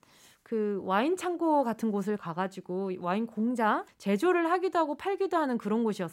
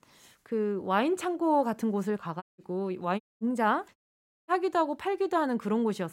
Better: first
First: none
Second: audio cutting out; at 2.5 s, at 3 s and at 4 s for 0.5 s

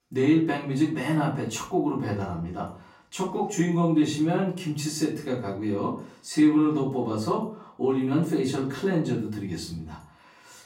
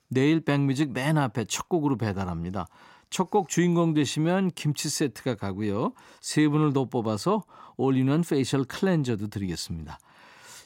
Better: second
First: off-mic speech; far // room echo; slight; dies away in 0.4 s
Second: none

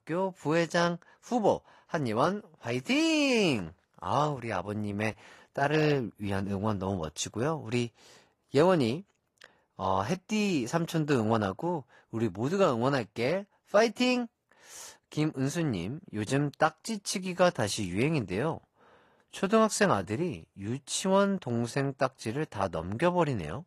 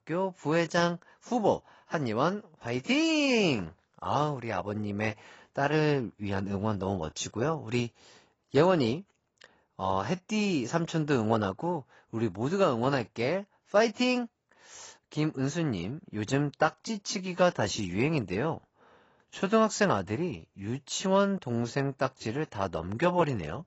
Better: first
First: garbled, watery; slightly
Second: garbled, watery; badly; nothing above 7.5 kHz

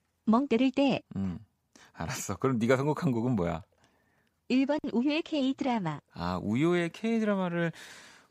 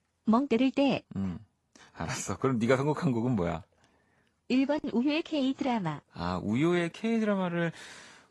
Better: first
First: none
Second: garbled, watery; slightly; nothing above 11.5 kHz

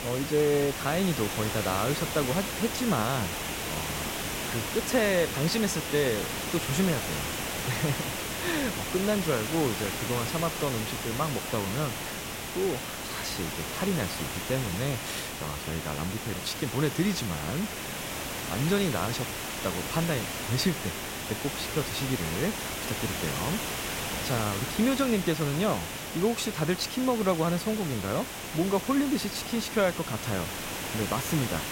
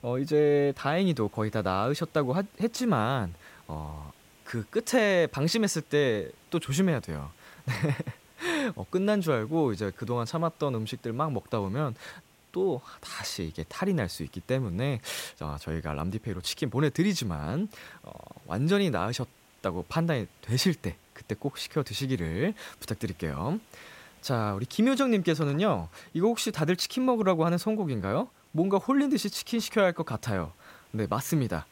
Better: second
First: hiss; loud; throughout; 3 dB below the speech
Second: hiss; faint; throughout; 30 dB below the speech

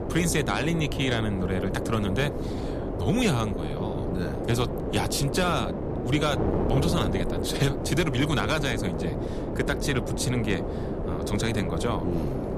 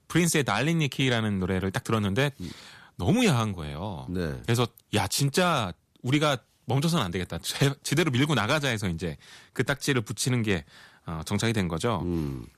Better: second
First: wind noise on the microphone; heavy; 4 dB below the speech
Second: none

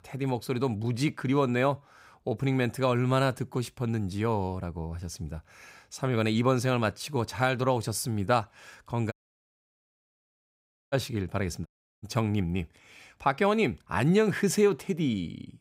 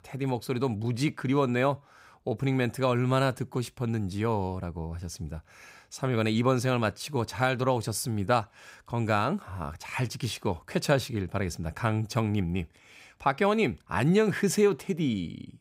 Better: second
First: audio cutting out; at 9 s for 2 s and at 12 s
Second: none

